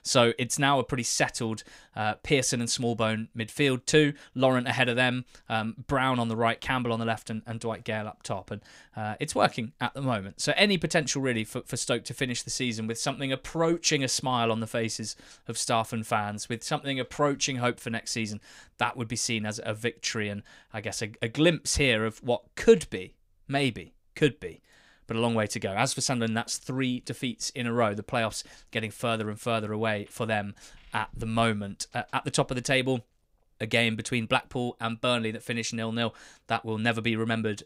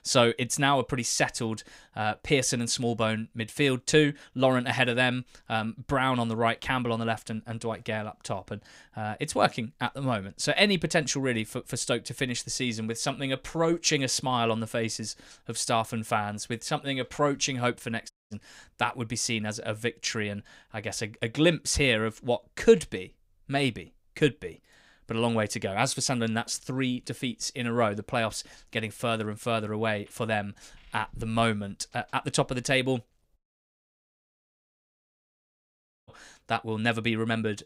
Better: first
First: none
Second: audio cutting out; at 18 s and at 33 s for 2.5 s

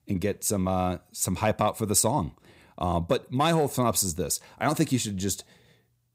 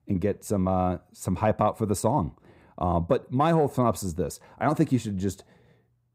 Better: first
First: none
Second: muffled; slightly; fading above 2 kHz

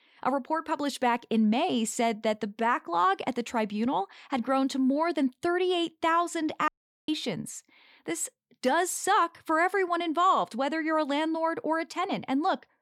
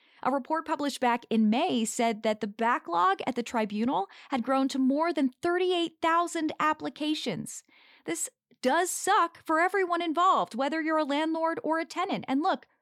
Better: second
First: audio cutting out; at 6.5 s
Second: none

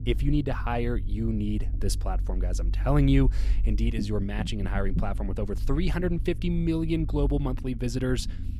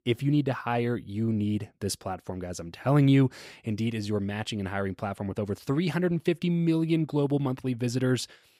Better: second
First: low rumble; noticeable; throughout; 15 dB below the speech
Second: none

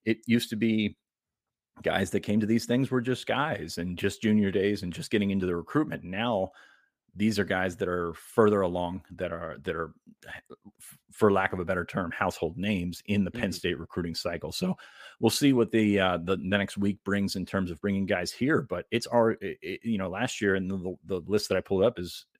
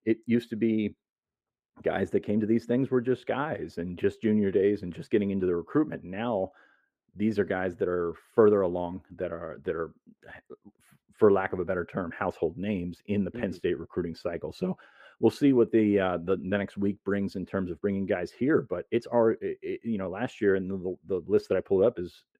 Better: first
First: none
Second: muffled; slightly; fading above 3 kHz

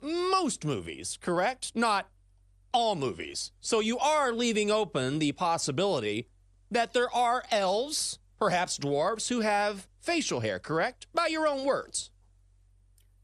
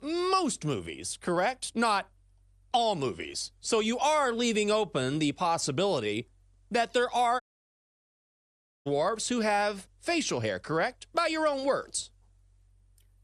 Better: first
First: none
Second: audio cutting out; at 7.5 s for 1.5 s

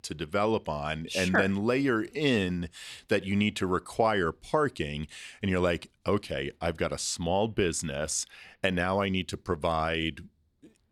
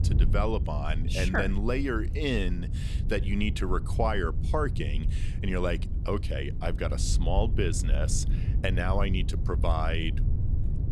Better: first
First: none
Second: wind noise on the microphone; occasional gusts; 15 dB below the speech

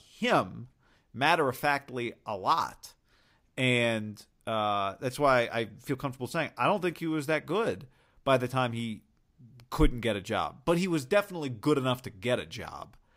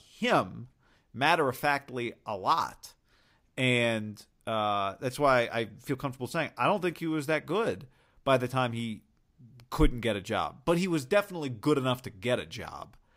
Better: neither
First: none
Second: none

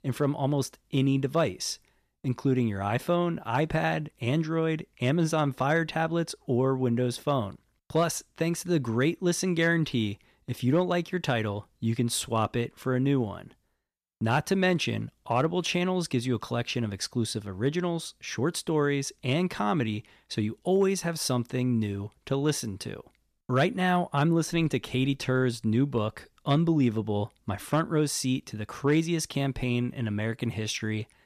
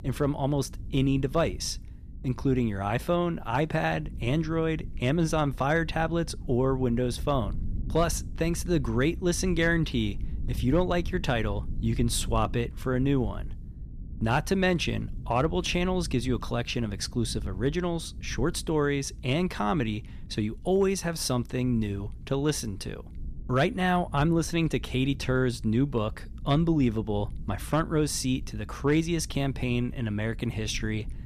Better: first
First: none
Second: low rumble; faint; throughout; 25 dB below the speech

